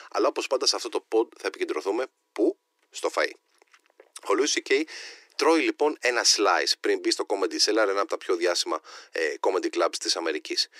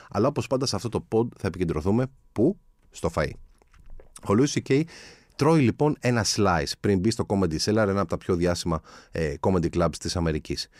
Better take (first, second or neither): second